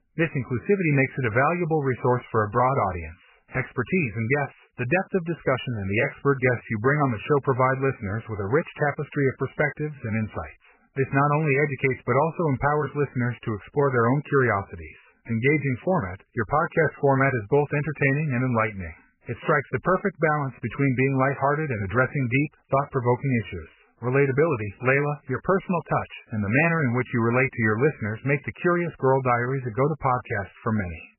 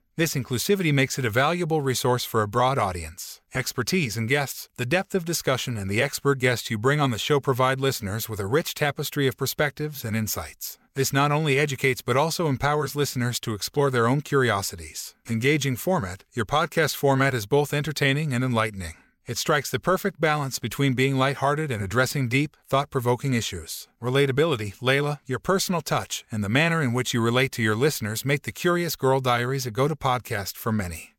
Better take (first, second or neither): second